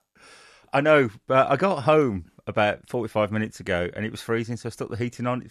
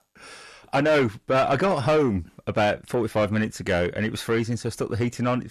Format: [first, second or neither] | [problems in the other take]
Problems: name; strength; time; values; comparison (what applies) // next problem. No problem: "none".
first | distortion; heavy; 8 dB below the speech